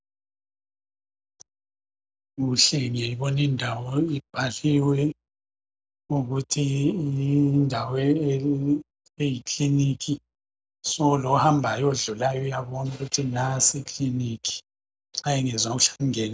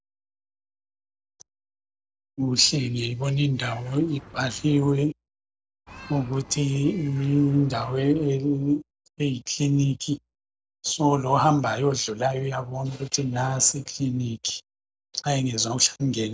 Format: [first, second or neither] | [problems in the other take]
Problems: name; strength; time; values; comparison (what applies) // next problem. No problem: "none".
first | noise reduction (neural separator model SepFormer DNS4)